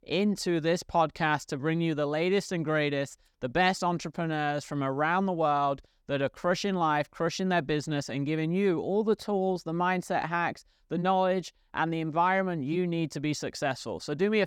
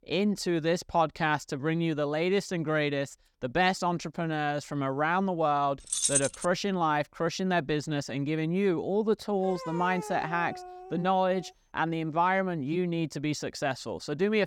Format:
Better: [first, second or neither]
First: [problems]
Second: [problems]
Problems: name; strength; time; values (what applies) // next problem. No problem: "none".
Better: first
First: none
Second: jangling keys; loud; at 6 s; peak 4 dB above the speech // dog barking; noticeable; from 9.5 to 12 s; peak 9 dB below the speech